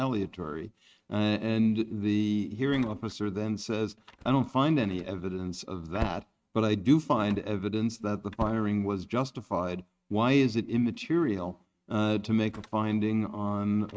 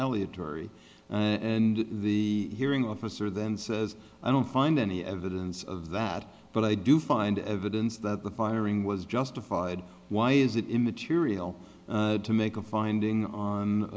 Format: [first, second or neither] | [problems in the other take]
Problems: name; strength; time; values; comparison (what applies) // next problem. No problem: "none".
second | noise reduction (neural mask model RNNoise)